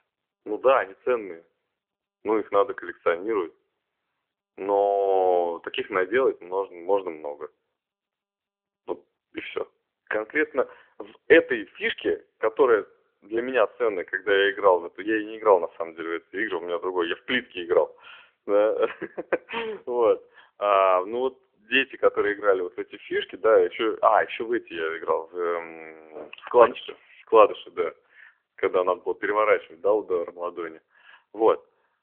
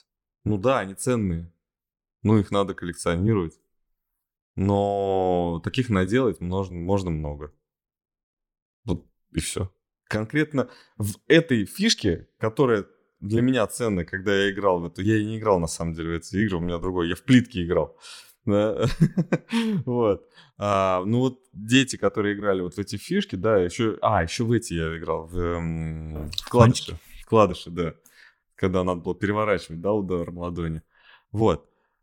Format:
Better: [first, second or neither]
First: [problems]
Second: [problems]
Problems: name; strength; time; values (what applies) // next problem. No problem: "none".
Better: second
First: phone-call audio; nothing above 3.5 kHz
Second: none